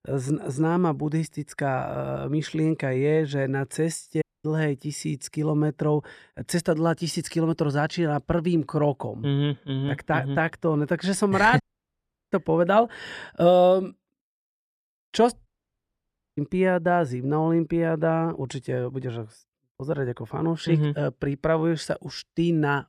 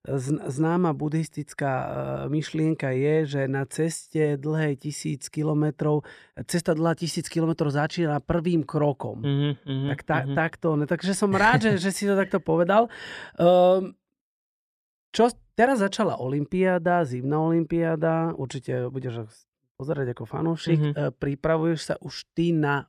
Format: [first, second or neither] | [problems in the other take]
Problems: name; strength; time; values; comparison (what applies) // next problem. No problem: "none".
second | audio cutting out; at 4 s, at 12 s for 0.5 s and at 15 s for 1 s